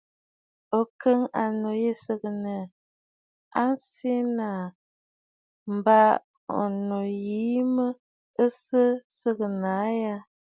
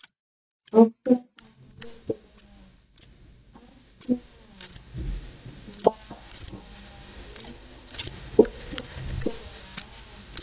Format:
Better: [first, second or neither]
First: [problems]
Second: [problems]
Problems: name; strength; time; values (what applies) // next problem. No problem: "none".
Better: first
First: none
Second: noise reduction (neural mask model DeepFilterNet 3)